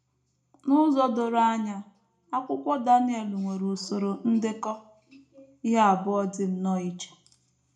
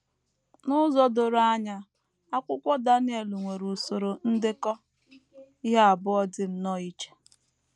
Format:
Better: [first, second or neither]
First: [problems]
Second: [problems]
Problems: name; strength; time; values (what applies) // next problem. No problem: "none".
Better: second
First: room echo; dies away in 0.4 s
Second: none